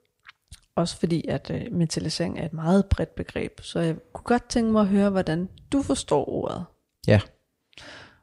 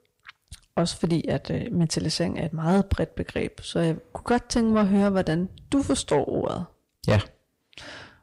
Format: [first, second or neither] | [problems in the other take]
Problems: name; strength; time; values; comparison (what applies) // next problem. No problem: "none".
first | distortion; slight; 10 dB below the speech